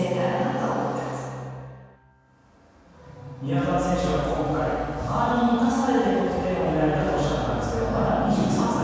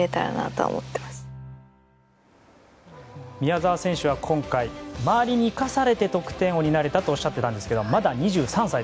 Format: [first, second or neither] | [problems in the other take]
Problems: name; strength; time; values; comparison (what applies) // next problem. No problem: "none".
second | room echo; dies away in 2.1 s